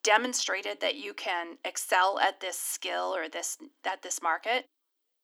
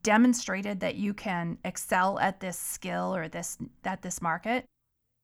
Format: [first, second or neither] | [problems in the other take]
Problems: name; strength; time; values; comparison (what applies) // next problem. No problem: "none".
second | thin; very; fading below 300 Hz